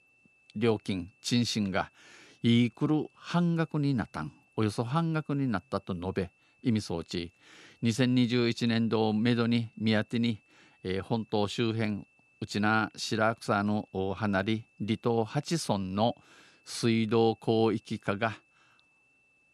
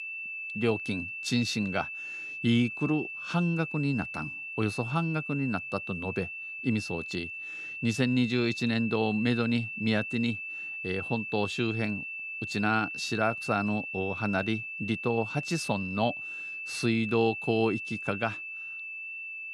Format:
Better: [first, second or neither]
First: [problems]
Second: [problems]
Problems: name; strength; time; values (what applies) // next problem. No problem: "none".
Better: first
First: high-pitched whine; faint; throughout; 2.5 kHz, 35 dB below the speech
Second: high-pitched whine; loud; throughout; 2.5 kHz, 5 dB below the speech